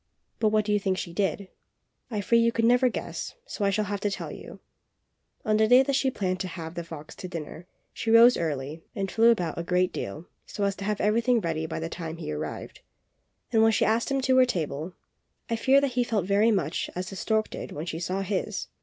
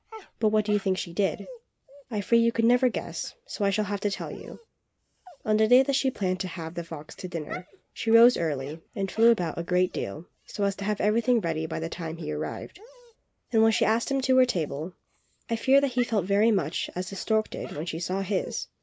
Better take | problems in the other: first | noise reduction (neural mask model Resemble Enhance denoiser)

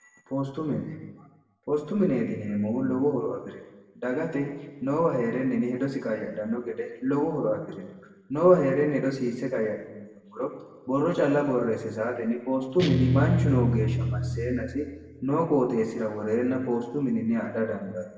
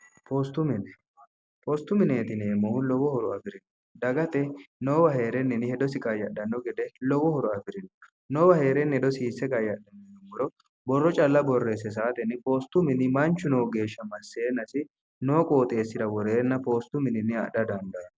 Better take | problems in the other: second | background sound (Guitar); as loud as the speech // room echo; dies away in 1.1 s

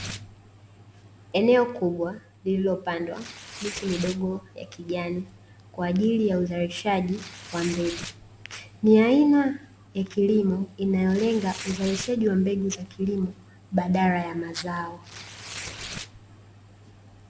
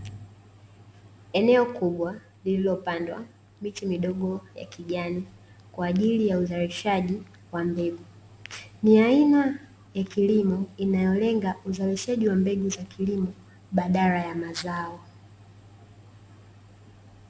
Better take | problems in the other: second | background sound (Tearing); 18 dB below the speech

